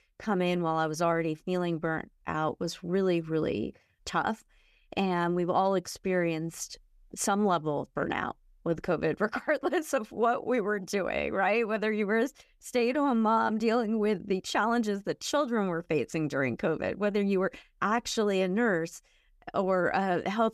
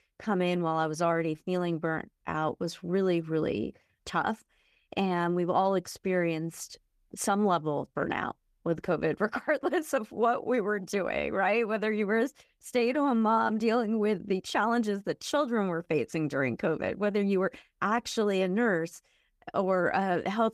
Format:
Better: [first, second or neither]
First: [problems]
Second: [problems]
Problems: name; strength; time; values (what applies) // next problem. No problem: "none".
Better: first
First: none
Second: garbled, watery; slightly; nothing above 14.5 kHz